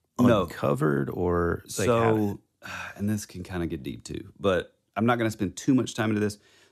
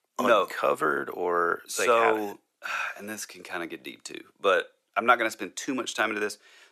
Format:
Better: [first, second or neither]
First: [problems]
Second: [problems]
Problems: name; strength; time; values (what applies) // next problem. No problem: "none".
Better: first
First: none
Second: thin; very; fading below 550 Hz